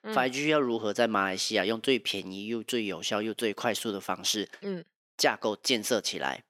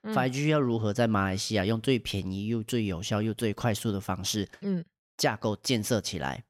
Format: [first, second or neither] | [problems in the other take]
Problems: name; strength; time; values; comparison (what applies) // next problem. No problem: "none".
second | thin; somewhat; fading below 350 Hz